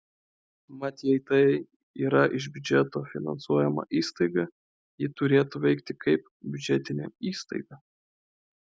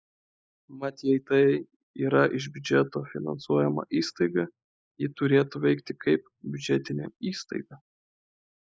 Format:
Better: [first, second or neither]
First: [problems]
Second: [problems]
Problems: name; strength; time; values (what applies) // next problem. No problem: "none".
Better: first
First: none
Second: noise reduction (neural mask model Resemble Enhance denoiser)